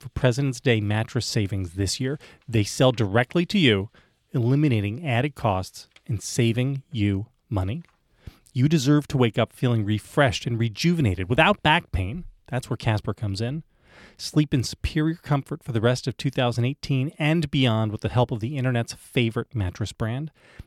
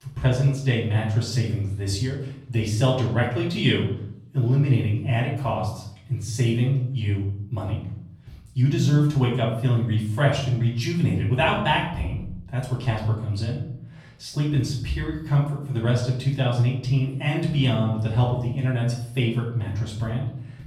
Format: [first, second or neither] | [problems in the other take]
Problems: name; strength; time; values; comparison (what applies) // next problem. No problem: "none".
first | off-mic speech; far // room echo; noticeable; dies away in 0.6 s